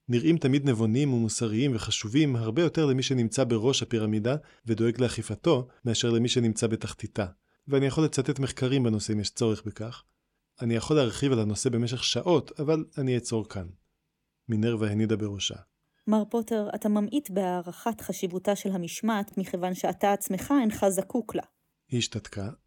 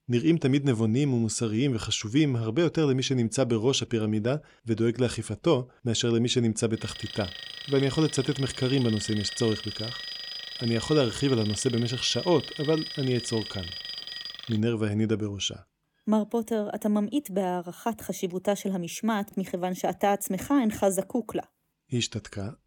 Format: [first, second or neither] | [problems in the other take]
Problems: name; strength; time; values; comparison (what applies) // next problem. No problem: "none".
first | alarm; noticeable; from 7 to 15 s; peak 7 dB below the speech